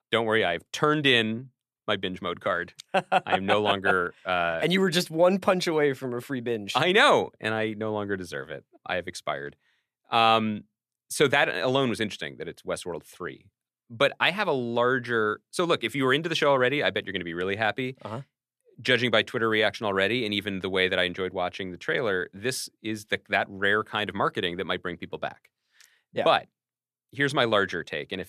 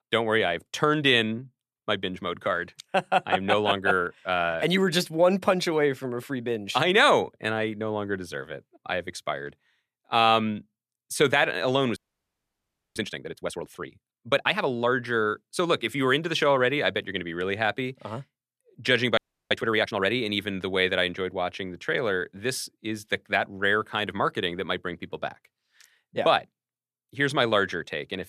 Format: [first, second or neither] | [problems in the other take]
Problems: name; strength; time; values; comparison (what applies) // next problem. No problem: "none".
first | audio freezing; at 12 s for 1 s and at 19 s